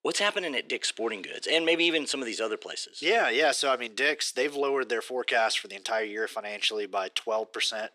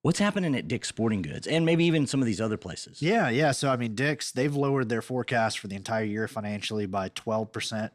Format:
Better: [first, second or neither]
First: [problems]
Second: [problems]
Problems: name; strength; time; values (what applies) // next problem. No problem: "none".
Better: second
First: thin; very; fading below 400 Hz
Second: none